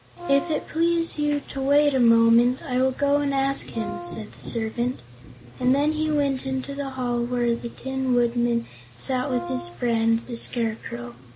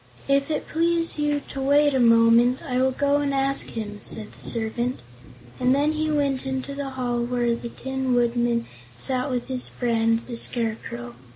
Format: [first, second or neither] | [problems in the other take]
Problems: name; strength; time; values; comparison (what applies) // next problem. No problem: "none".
second | background sound (Brass instrument); 13 dB below the speech